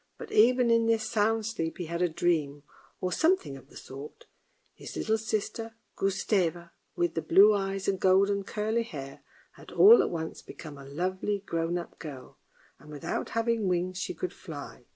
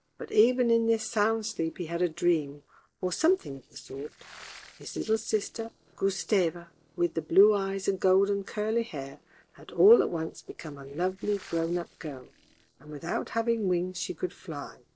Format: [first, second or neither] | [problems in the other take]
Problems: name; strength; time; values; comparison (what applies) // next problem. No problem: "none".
first | noise reduction (neural separator model SepFormer DNS4)